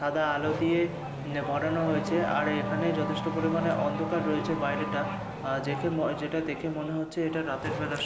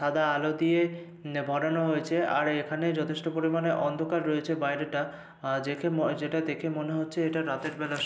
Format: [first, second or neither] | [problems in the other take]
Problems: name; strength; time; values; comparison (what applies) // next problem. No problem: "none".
second | background sound (Race car, auto racing / Accelerating, revving, vroom); 5 dB below the speech